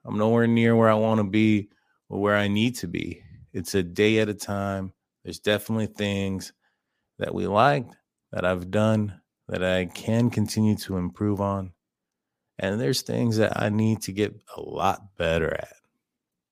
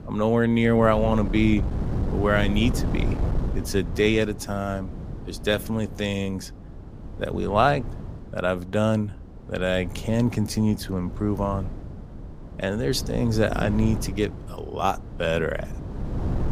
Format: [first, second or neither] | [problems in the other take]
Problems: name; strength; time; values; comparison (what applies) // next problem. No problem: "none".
first | wind noise on the microphone; occasional gusts; 15 dB below the speech